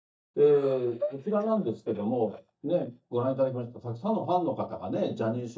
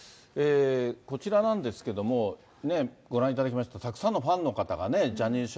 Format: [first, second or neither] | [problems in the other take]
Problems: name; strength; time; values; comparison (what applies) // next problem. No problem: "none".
second | noise reduction (neural mask model DeepFilterNet 3)